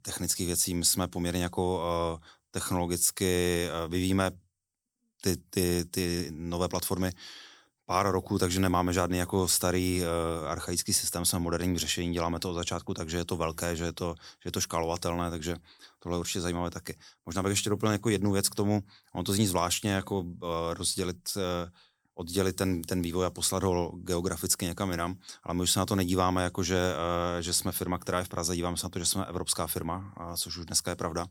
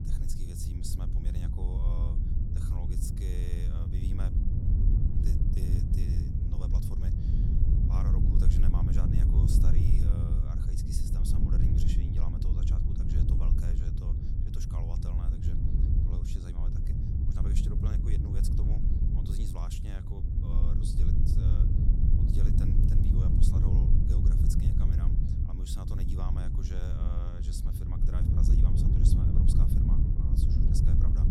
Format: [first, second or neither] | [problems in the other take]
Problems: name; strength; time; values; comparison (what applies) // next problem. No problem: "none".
first | wind noise on the microphone; heavy; 5 dB above the speech